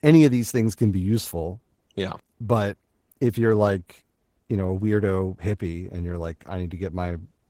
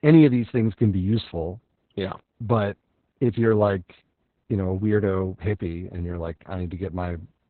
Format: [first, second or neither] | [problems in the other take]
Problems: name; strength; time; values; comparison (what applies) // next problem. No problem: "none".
first | garbled, watery; badly; nothing above 4 kHz; slightly in the first